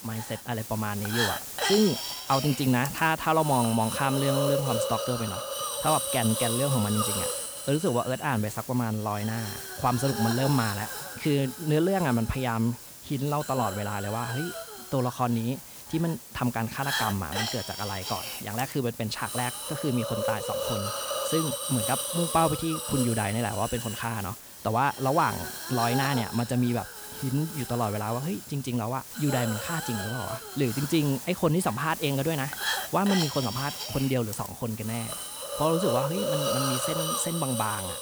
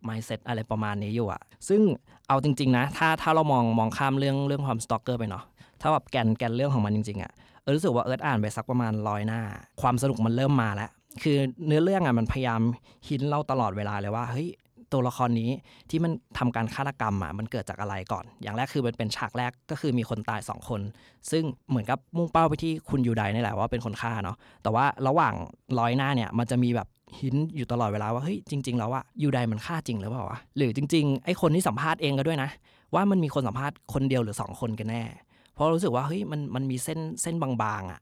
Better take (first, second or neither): second